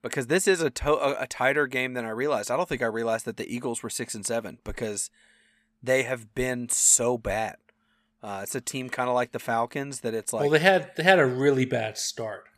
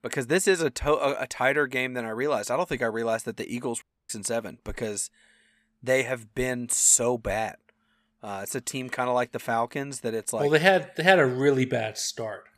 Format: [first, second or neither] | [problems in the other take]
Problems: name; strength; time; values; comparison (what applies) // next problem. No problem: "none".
first | audio cutting out; at 4 s